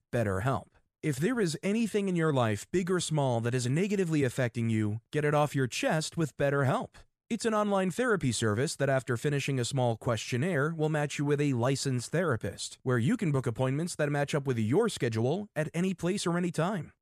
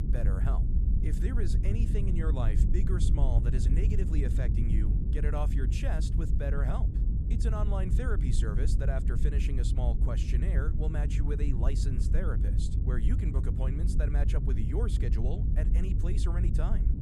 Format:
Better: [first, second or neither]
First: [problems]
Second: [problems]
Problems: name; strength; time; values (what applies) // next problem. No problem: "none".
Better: first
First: none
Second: low rumble; loud; throughout; 3 dB below the speech